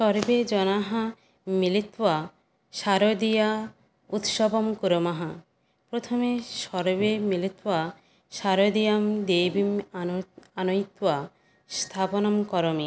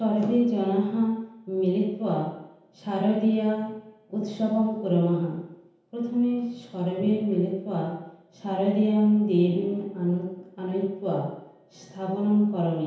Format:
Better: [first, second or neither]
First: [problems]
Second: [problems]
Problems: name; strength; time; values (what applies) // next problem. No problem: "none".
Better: first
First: none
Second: room echo; dies away in 0.9 s